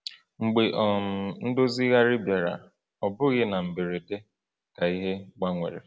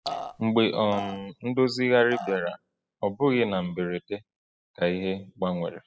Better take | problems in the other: first | noise reduction (classical method spectral subtraction)

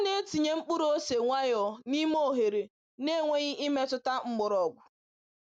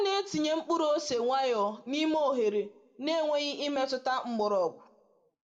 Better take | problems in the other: first | room echo; dies away in 0.8 s

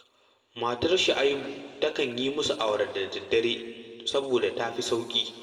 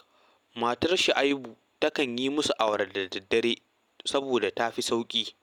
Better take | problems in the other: second | room echo; dies away in 2 s

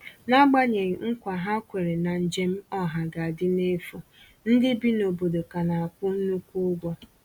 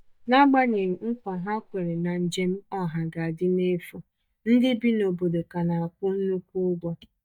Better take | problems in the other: first | noise reduction (neural mask model DeepFilterNet 3)

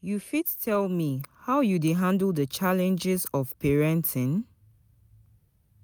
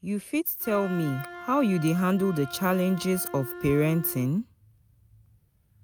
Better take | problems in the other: first | background sound (Wind instrument, woodwind instrument); 16 dB below the speech

